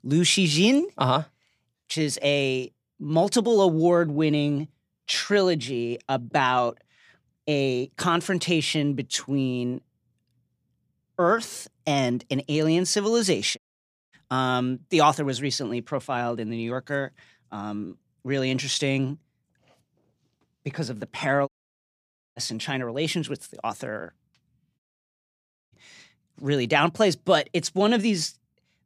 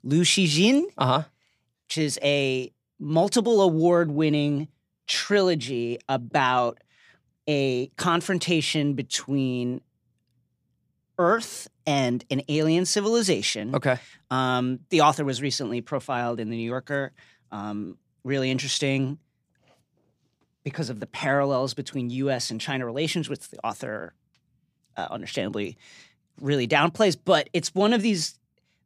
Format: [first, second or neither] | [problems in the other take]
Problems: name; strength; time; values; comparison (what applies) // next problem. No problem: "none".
second | audio cutting out; at 14 s for 0.5 s, at 21 s for 1 s and at 25 s for 1 s